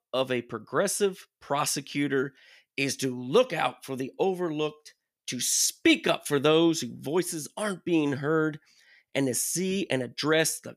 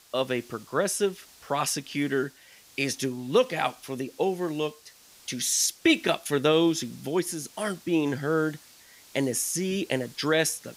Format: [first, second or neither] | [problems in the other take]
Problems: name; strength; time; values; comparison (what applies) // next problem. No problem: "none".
first | hiss; faint; throughout; 25 dB below the speech